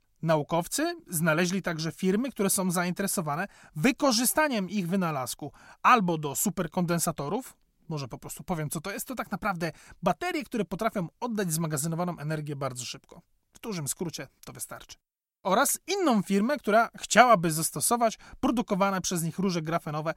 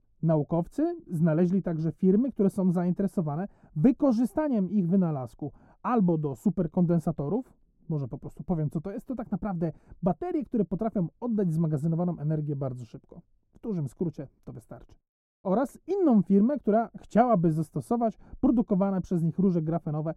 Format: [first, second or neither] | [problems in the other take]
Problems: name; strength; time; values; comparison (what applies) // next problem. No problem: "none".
first | muffled; very; fading above 1 kHz